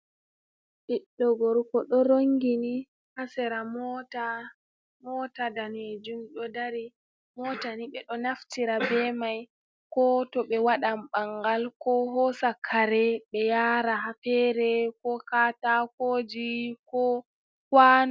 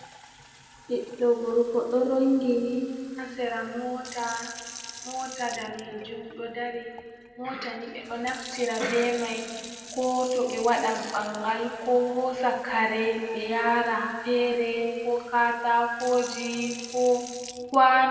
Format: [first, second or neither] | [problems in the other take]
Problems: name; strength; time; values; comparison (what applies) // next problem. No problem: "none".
first | background sound (Fill (with liquid) / Sink (filling or washing)); 18 dB below the speech // room echo; dies away in 2 s